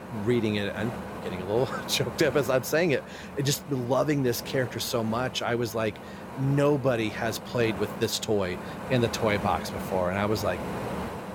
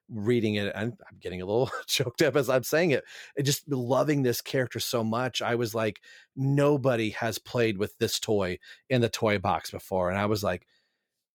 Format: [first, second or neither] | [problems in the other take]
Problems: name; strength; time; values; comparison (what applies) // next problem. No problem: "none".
second | wind noise on the microphone; heavy; 10 dB below the speech